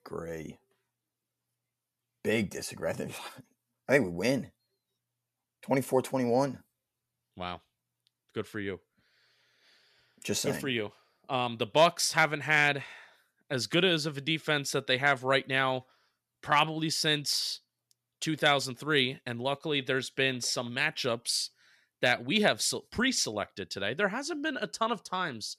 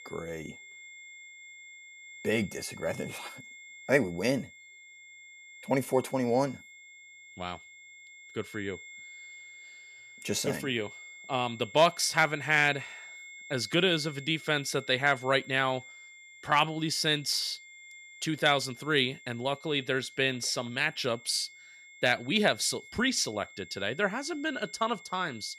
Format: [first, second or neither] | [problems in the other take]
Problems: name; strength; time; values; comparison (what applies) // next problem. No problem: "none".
first | high-pitched whine; noticeable; throughout; 2 kHz, 20 dB below the speech